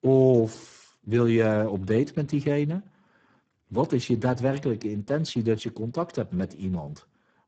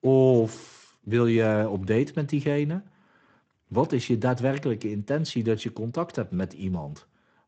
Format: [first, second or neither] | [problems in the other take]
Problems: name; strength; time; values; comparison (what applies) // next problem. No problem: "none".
second | garbled, watery; badly; nothing above 7.5 kHz; slightly in the second